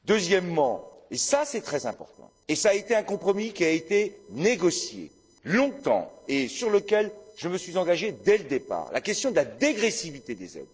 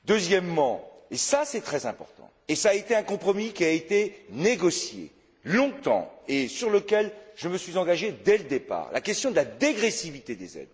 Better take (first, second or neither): second